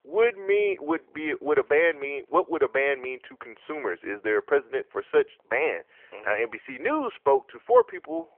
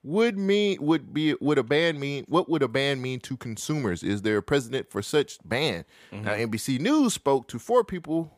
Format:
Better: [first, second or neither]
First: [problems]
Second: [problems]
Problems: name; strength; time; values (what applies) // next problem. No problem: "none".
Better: second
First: phone-call audio; nothing above 3.5 kHz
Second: none